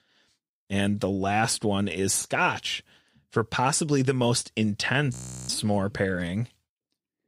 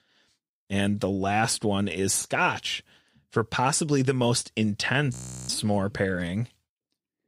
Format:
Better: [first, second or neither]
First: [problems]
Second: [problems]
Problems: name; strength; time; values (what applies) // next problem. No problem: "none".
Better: neither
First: audio freezing; at 5 s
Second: audio freezing; at 5 s